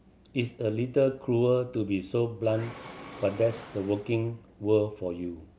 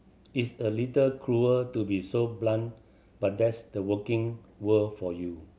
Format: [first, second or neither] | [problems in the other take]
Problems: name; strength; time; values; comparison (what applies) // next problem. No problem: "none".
second | background sound (Mechanisms); 18 dB below the speech